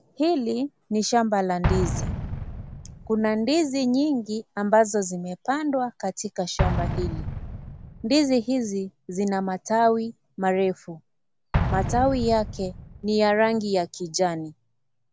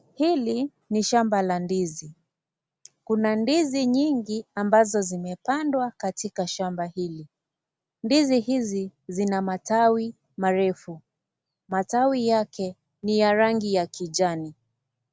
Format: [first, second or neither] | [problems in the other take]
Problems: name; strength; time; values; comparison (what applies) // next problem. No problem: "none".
second | background sound (Explosion); 8 dB below the speech